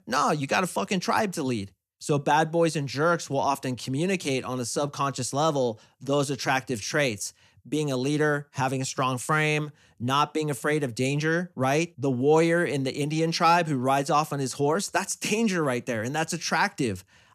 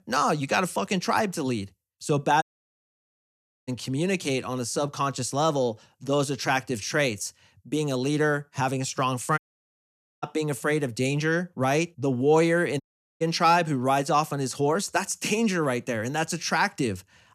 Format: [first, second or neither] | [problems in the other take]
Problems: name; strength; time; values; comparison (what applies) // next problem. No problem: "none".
first | audio cutting out; at 2.5 s for 1.5 s, at 9.5 s for 1 s and at 13 s